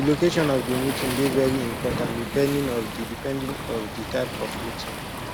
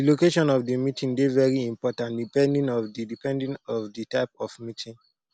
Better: second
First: background sound (Waves, surf); 5 dB below the speech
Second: none

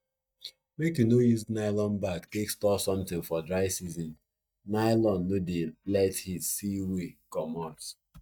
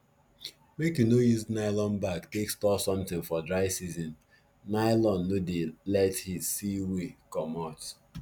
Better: second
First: noise reduction (neural mask model DeepFilterNet 3)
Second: none

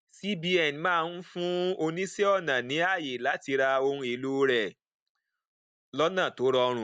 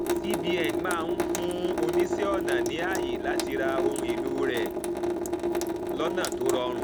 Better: first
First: none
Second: background sound (Drip / Sink (filling or washing) / Water tap, faucet); 5 dB above the speech

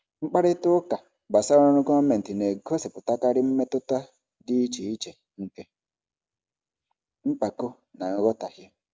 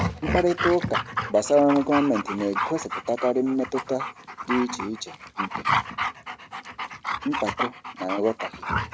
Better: first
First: none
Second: background sound (Dog); 4 dB below the speech

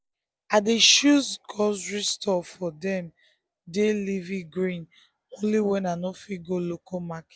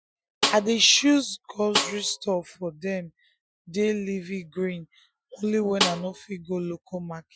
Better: first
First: none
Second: noise reduction (classical method Wiener filter)

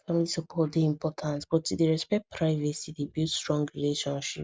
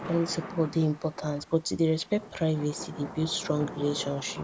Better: first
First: none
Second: background sound (Thunder / Rain); 13 dB below the speech

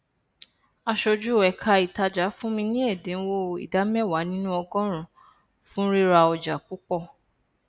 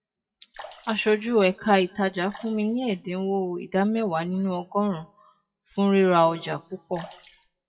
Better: first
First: none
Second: noise reduction (classical method WPE with log-MMSE)

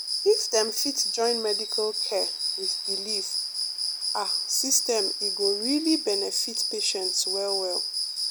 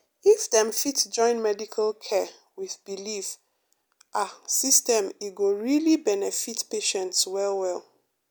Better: second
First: background sound (Cricket); as loud as the speech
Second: none

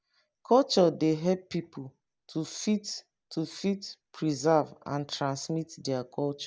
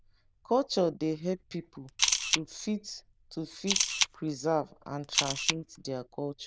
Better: first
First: none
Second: noise reduction (neural diffusion model UNIVERSE++)

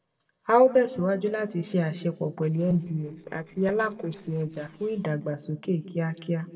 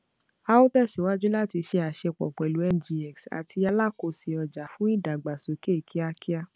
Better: second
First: noise reduction (neural separator model SepFormer DNS4)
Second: none

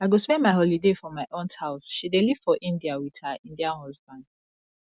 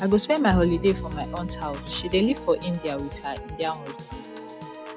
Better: first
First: none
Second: background sound (Bowed string instrument + Piano / Organ); 9 dB below the speech

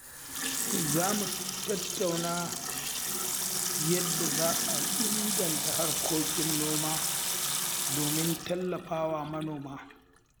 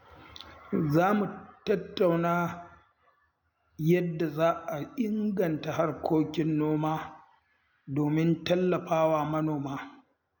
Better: second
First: background sound (Sink (filling or washing) / Water tap, faucet); 3 dB above the speech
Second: none

